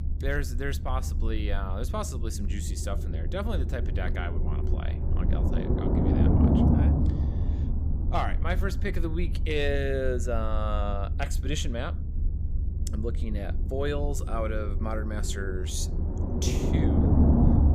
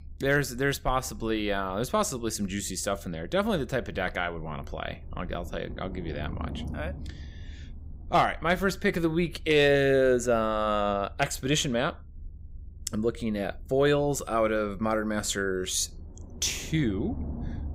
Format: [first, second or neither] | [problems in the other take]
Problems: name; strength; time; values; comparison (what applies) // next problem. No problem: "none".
second | low rumble; loud; throughout; 2 dB below the speech; faint in the second